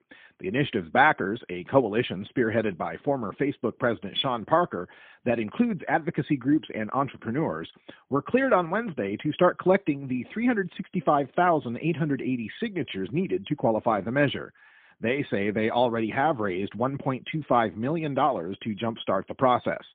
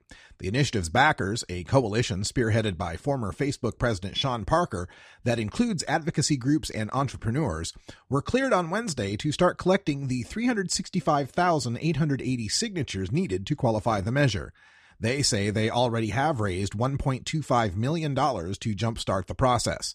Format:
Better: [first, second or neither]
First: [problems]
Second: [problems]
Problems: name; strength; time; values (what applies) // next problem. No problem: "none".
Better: second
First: phone-call audio; poor line; nothing above 3.5 kHz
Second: none